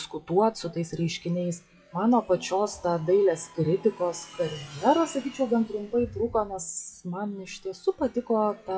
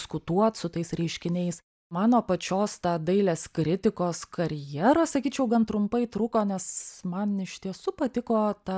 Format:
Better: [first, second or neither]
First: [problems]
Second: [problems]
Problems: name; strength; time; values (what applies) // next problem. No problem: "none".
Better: second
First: noise reduction (classical method WPE with log-MMSE)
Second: none